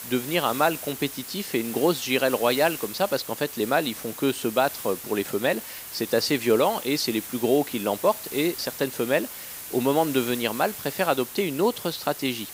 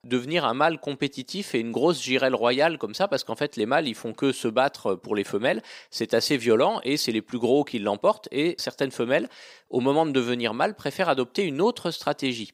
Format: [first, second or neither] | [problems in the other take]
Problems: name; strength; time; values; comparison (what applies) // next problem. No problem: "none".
second | hiss; loud; throughout; 10 dB below the speech